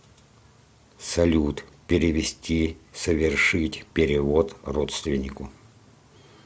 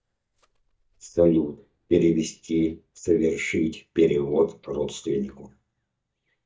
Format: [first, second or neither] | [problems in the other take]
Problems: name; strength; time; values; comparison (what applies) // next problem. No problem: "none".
first | noise reduction (neural mask model DeepFilterNet 3)